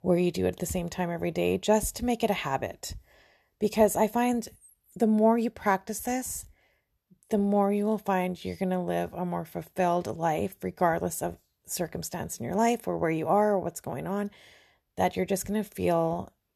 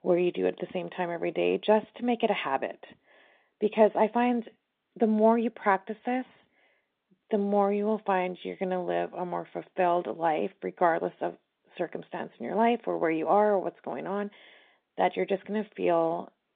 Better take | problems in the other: first | phone-call audio; nothing above 3.5 kHz

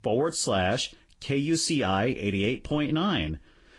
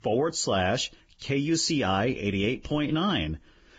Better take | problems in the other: first | garbled, watery; badly; nothing above 7.5 kHz; slightly in the first

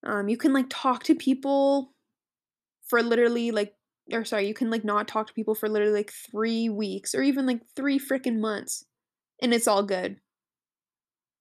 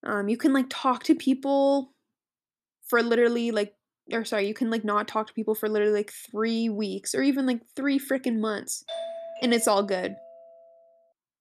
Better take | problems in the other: first | doorbell; noticeable; from 9 to 11 s; peak 9 dB below the speech

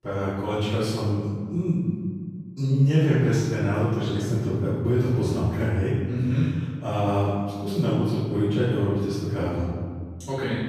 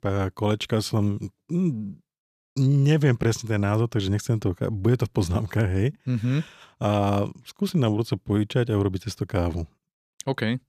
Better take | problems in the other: second | room echo; strong; dies away in 1.6 s // off-mic speech; far

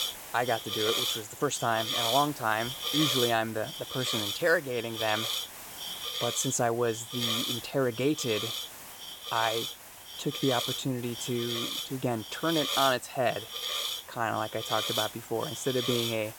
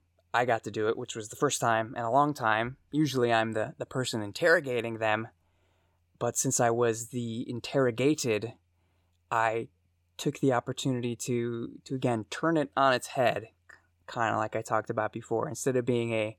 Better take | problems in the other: second | hiss; loud; throughout; 2 dB below the speech

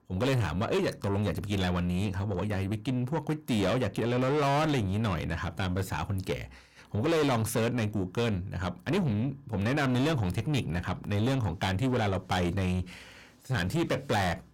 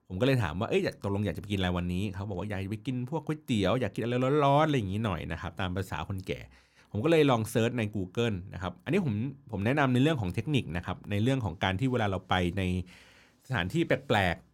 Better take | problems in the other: second | distortion; heavy; 7 dB below the speech

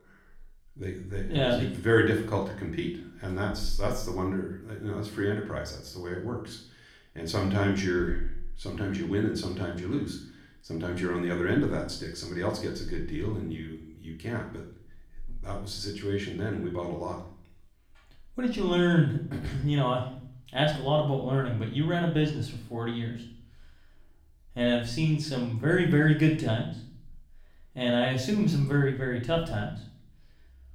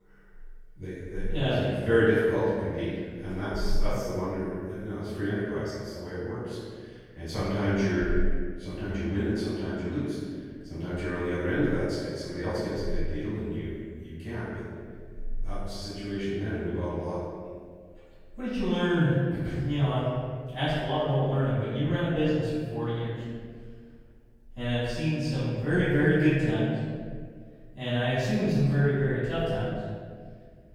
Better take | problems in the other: first | room echo; strong; dies away in 1.7 s; slight in the first // off-mic speech; far; far in the first

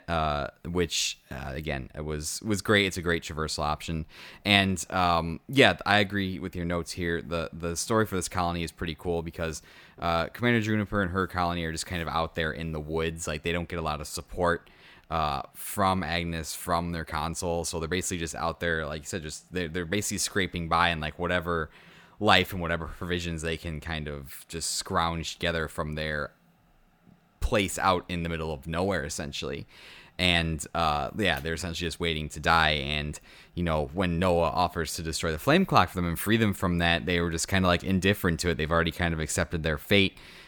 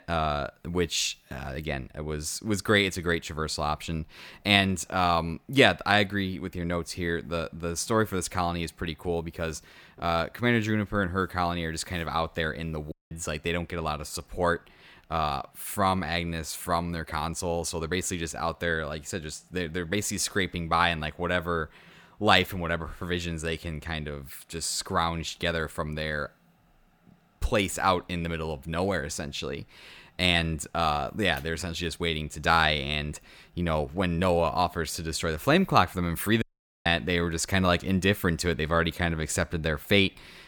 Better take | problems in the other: first | audio cutting out; at 13 s and at 36 s

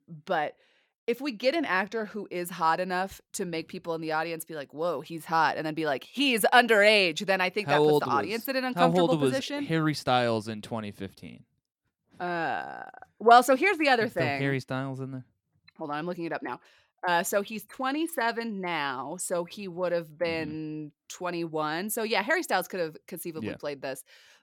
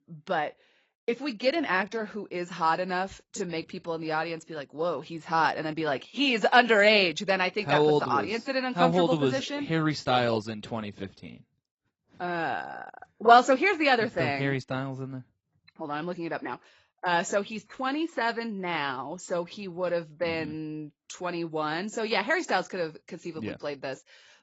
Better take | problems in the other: first | garbled, watery; badly; nothing above 7.5 kHz

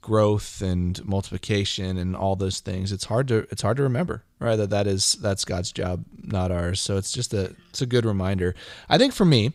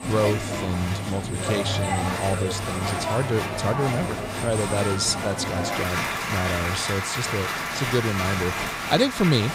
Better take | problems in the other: first | crowd noise; loud; throughout; 1 dB below the speech

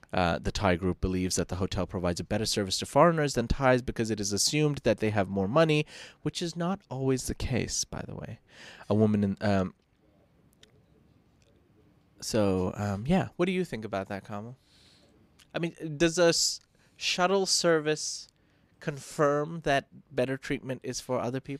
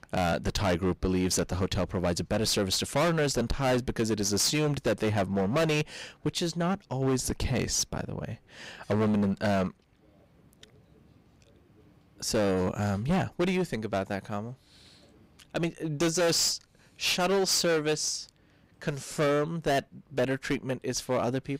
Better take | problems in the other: first | distortion; heavy; 13% of the sound clipped

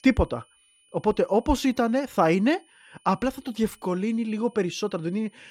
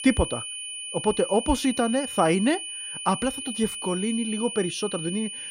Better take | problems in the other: first | high-pitched whine; loud; throughout; 3 kHz, 6 dB below the speech; faint in the first

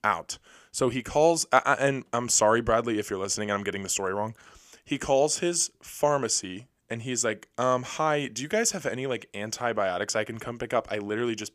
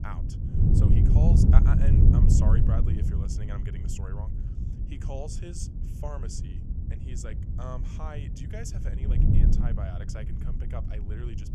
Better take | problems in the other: first | wind noise on the microphone; heavy; 3 dB above the speech

